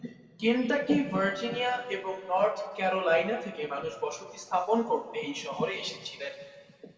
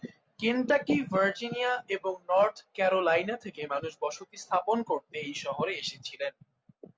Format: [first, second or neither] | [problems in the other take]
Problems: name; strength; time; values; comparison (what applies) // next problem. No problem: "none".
second | room echo; dies away in 2.2 s